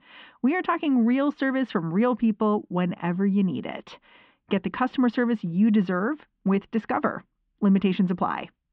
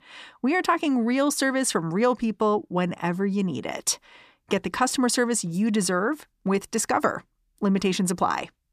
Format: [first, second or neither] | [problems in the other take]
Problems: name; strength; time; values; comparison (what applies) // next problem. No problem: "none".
second | muffled; very; fading above 3 kHz